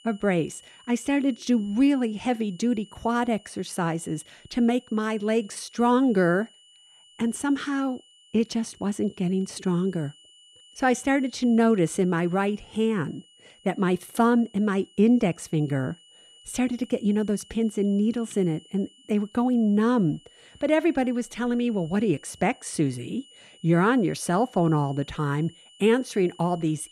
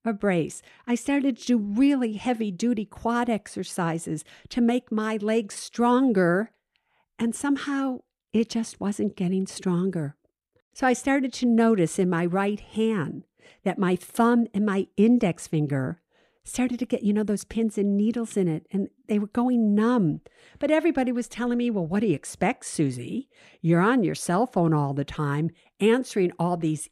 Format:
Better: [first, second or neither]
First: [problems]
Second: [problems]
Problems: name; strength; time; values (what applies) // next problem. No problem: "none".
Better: second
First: high-pitched whine; faint; throughout; 3 kHz, 25 dB below the speech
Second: none